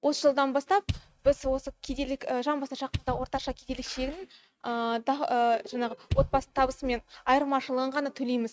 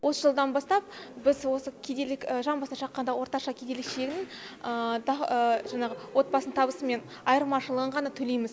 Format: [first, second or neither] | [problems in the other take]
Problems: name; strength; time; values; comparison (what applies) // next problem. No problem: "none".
second | noise reduction (neural mask model RNNoise)